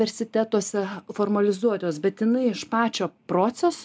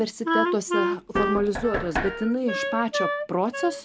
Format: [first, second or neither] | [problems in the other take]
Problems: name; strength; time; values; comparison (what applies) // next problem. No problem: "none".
first | background sound (Knock + Wind instrument, woodwind instrument); 1 dB below the speech